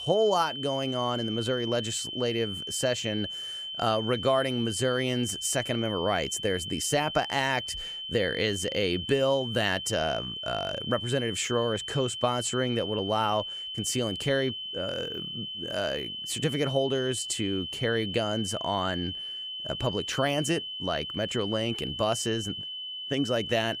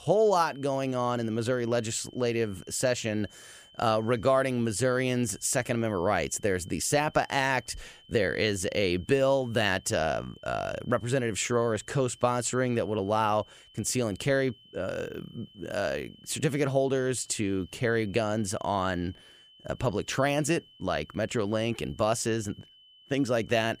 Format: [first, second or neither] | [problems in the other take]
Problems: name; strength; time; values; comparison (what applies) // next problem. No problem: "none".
second | high-pitched whine; loud; throughout; 3 kHz, 5 dB below the speech; faint in the second